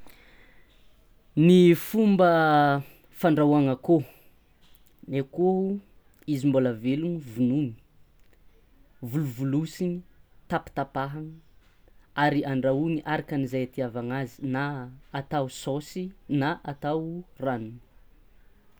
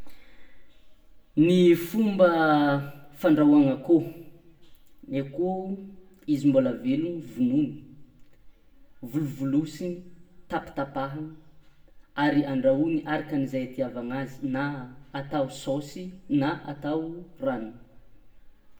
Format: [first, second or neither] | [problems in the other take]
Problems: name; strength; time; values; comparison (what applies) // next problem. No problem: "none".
first | room echo; dies away in 0.6 s